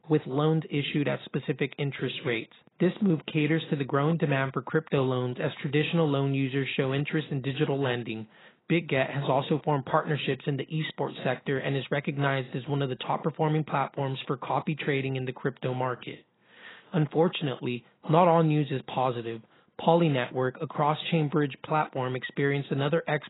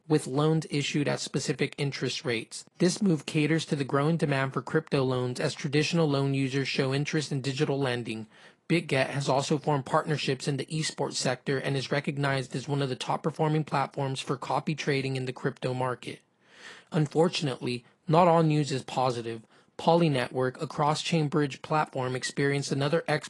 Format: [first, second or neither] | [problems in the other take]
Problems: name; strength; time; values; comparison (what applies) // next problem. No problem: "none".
second | garbled, watery; badly; nothing above 4 kHz; slightly in the second